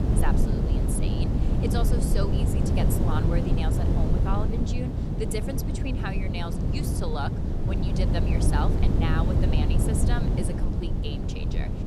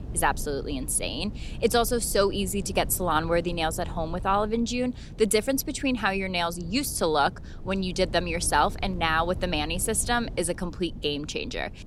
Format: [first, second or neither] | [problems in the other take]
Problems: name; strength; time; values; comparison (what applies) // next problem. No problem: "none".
second | wind noise on the microphone; heavy; as loud as the speech; occasional gusts in the second